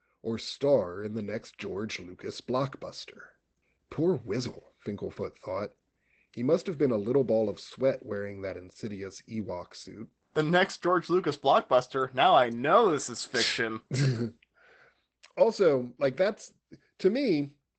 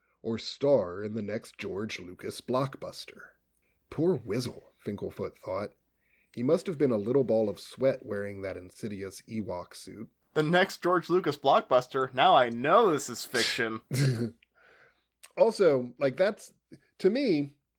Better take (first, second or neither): second